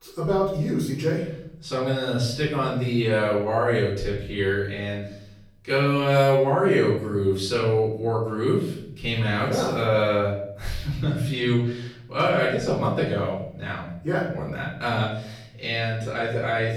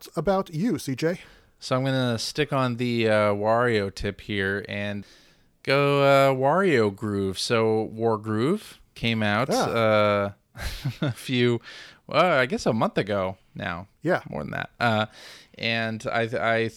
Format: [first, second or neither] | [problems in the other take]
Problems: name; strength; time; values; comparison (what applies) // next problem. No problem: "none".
second | off-mic speech; far // room echo; noticeable; dies away in 0.8 s